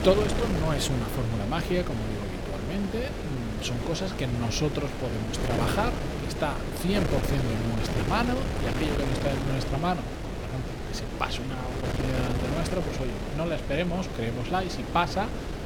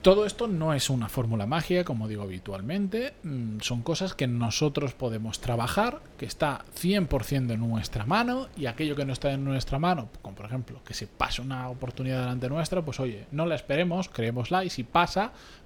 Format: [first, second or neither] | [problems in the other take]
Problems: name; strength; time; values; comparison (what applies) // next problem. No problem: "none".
second | wind noise on the microphone; heavy; 3 dB below the speech; occasional gusts in the second